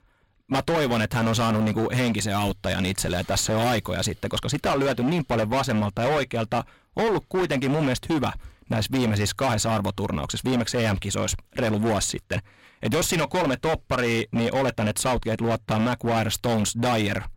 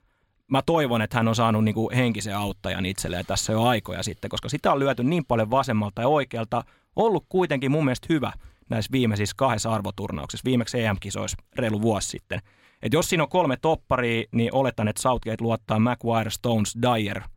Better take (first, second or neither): second